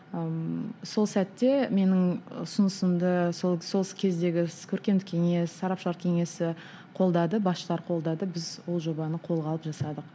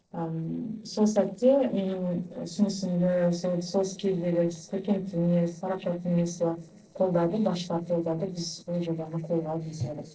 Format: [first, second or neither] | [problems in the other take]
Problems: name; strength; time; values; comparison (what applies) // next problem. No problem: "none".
first | noise reduction (neural separator model SepFormer DNS4)